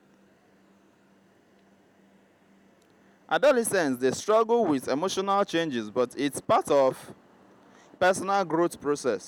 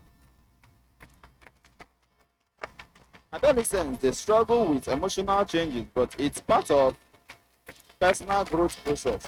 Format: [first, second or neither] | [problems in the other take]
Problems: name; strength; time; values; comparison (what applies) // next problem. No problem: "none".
first | noise reduction (neural mask model RNNoise)